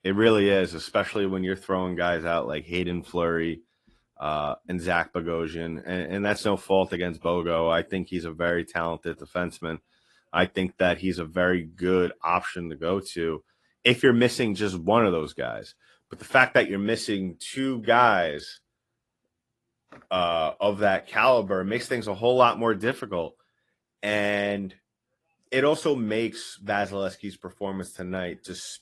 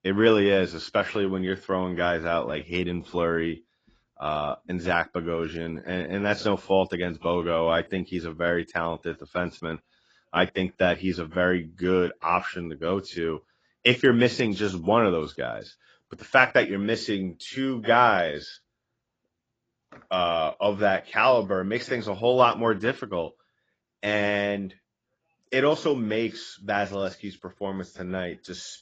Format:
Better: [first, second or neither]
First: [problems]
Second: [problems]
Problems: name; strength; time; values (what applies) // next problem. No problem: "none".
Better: first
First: garbled, watery; slightly; nothing above 11.5 kHz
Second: garbled, watery; badly; nothing above 7.5 kHz